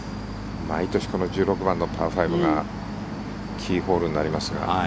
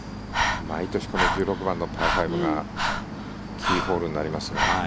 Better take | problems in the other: first | background sound (Breathing); 1 dB below the speech

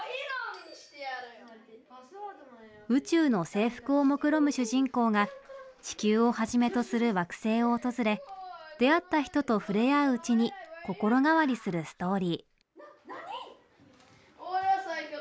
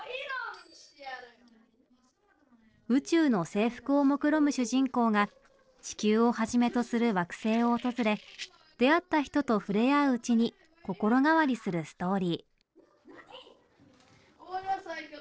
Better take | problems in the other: first | noise reduction (neural separator model SepFormer DNS4)

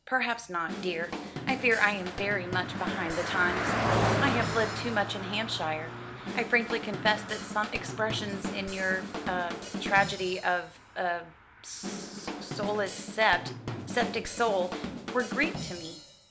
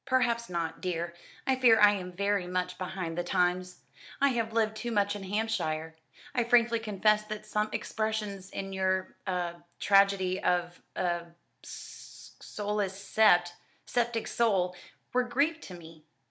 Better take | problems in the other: second | background sound (Drum / Drum kit + Car passing by); 4 dB below the speech

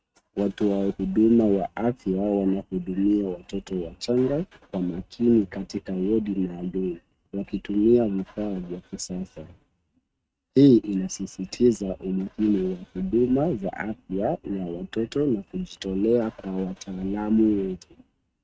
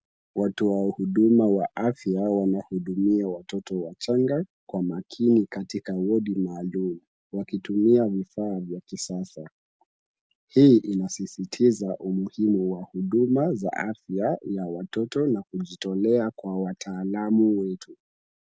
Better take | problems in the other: second | noise reduction (neural mask model RNNoise)

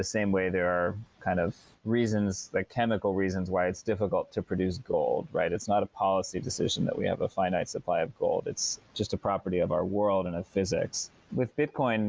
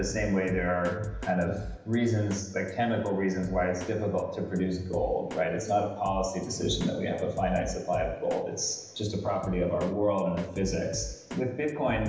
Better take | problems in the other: first | background sound (Drum kit); 12 dB below the speech // room echo; dies away in 0.9 s

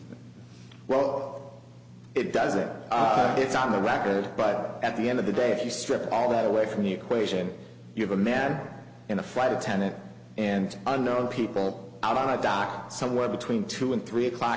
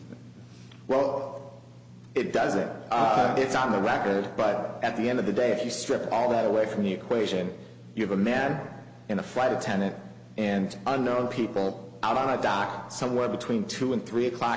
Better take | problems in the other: second | background sound (Brass instrument); 18 dB below the speech

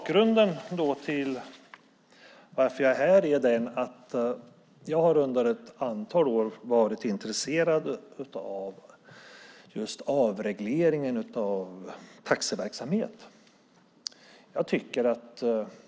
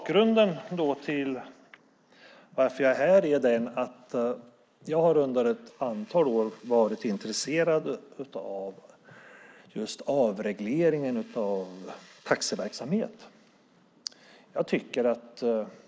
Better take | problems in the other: first | noise reduction (neural mask model Resemble Enhance denoiser)

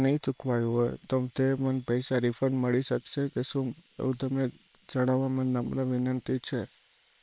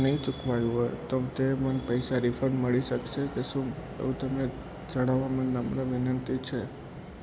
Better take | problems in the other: second | noise reduction (neural separator model SepFormer WHAM!)

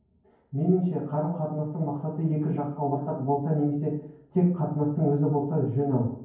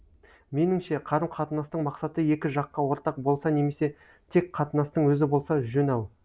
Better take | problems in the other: second | room echo; dies away in 0.9 s

